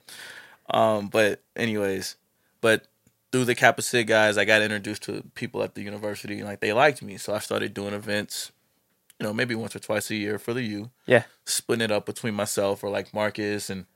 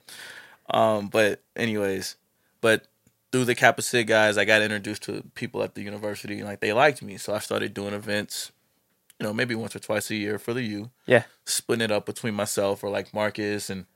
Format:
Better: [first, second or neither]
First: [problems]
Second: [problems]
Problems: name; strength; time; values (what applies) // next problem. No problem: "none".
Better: neither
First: none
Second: none